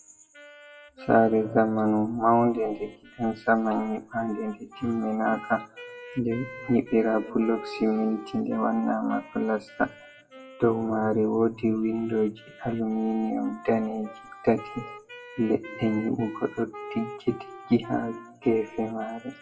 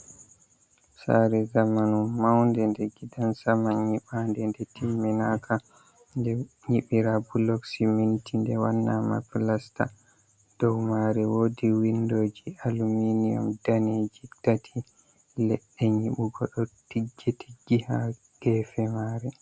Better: second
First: noise reduction (classical method WPE with log-MMSE)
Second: none

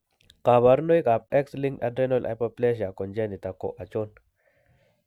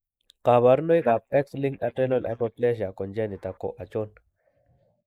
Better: first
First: none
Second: noise reduction (neural mask model Resemble Enhance denoiser)

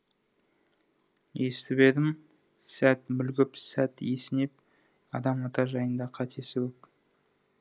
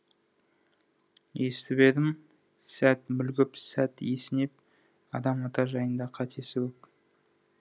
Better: second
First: noise reduction (neural mask model Resemble Enhance denoiser)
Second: none

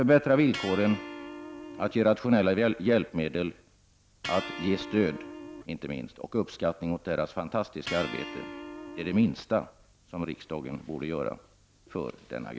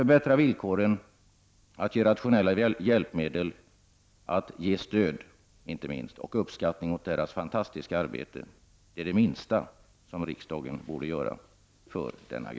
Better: second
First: background sound (Electric guitar); 13 dB below the speech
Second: none

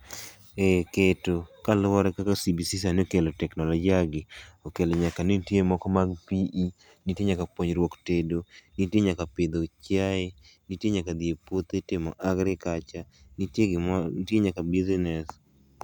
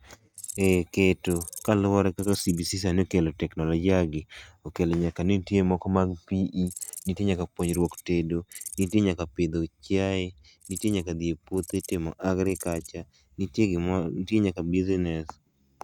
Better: first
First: none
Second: noise reduction (neural mask model RNNoise)

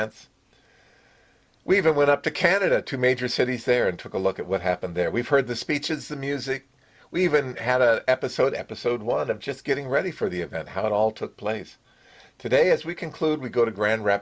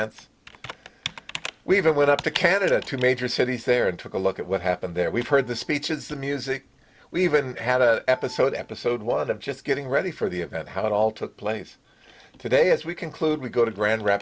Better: first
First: none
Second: background sound (Computer keyboard); 19 dB below the speech

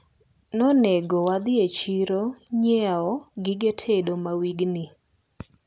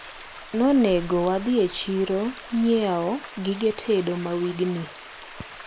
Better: first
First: none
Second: background sound (Stream); 16 dB below the speech

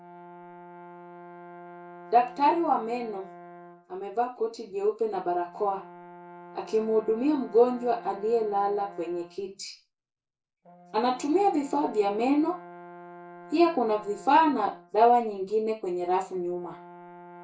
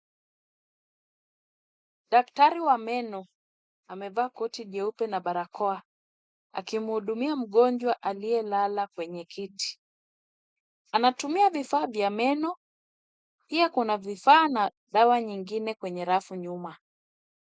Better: second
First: background sound (Brass instrument); 19 dB below the speech // room echo; dies away in 0.3 s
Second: none

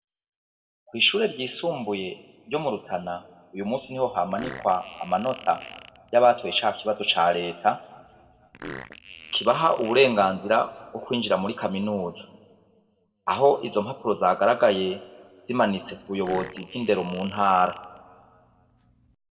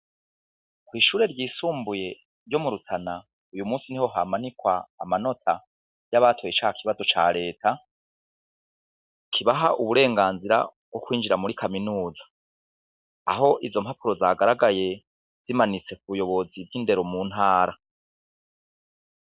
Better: second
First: background sound (Fart); 19 dB below the speech // room echo; dies away in 0.9 s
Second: none

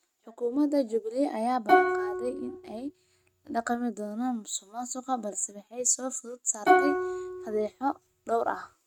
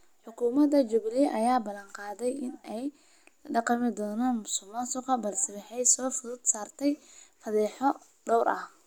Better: second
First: noise reduction (neural mask model RNNoise)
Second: none

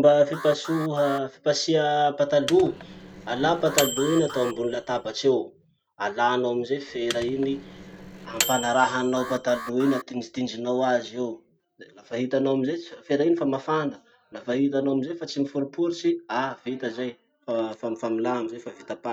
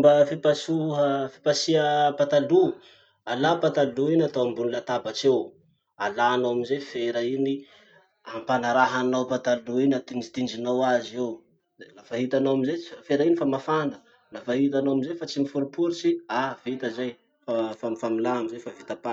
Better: second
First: background sound (Alarm + Microwave oven); 11 dB below the speech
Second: none

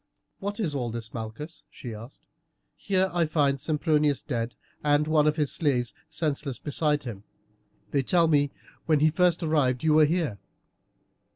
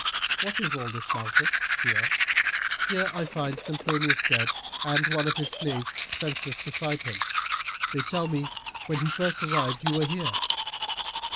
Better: first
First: none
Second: background sound (Domestic sounds, home sounds); 3 dB above the speech

